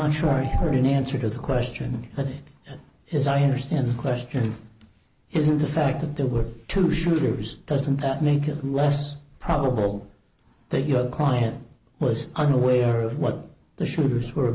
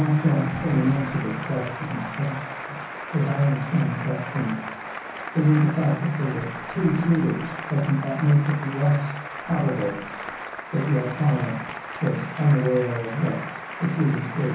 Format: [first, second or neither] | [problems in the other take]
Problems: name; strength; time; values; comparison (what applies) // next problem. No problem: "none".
first | background sound (Applause); 10 dB below the speech // room echo; dies away in 0.6 s